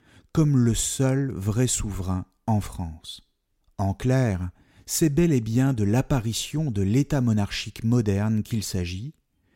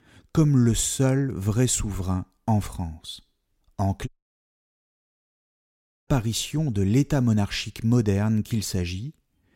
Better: first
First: none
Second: audio cutting out; at 4 s for 2 s

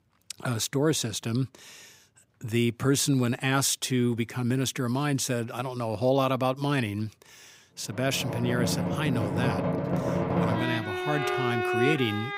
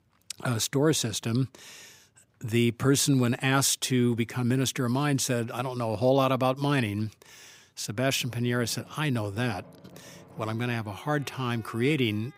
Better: second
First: background music; loud; from 8.5 s on; 1 dB below the speech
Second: background music; faint; from 8.5 s on; 25 dB below the speech

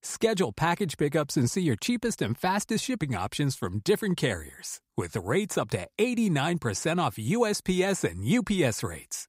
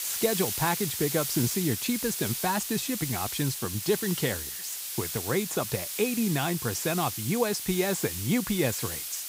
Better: first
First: none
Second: hiss; loud; throughout; 3 dB below the speech

